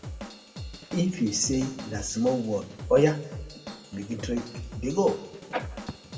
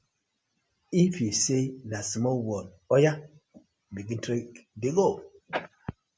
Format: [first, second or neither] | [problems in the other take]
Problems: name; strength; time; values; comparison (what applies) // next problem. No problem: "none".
second | background sound (Drum / Drum kit); 12 dB below the speech // room echo; dies away in 1 s